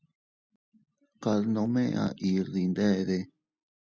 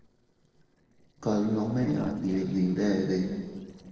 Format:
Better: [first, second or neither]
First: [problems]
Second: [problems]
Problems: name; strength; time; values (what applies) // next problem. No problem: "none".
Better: first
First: none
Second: noise reduction (neural separator model SepFormer DNS4)